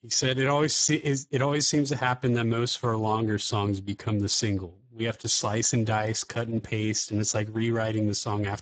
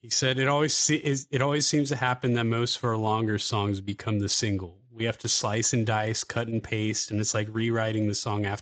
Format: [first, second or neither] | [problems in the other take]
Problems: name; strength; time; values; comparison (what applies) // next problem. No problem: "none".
second | garbled, watery; badly; nothing above 7.5 kHz; slightly in the second